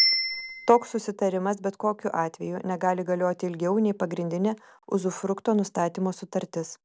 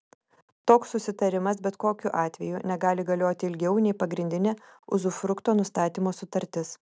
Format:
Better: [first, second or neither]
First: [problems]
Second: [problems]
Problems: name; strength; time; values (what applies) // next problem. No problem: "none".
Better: second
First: background sound (Bicycle bell); 8 dB below the speech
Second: none